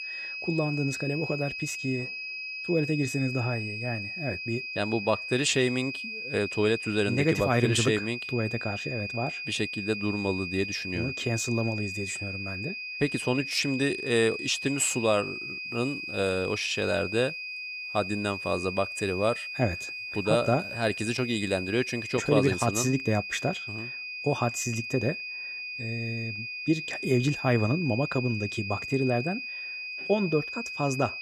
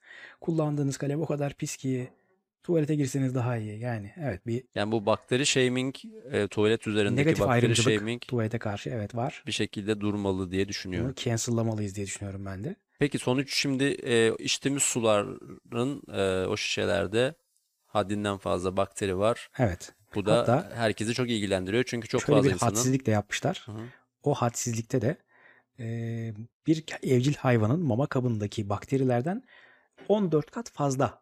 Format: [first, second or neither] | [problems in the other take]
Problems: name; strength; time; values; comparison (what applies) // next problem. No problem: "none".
second | high-pitched whine; loud; throughout; 2.5 kHz, 5 dB below the speech